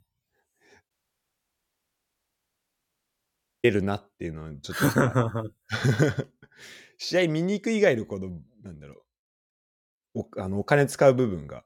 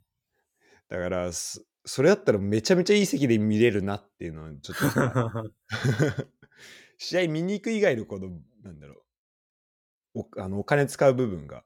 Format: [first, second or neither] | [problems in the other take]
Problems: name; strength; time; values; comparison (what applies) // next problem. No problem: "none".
second | audio cutting out; at 1 s for 2.5 s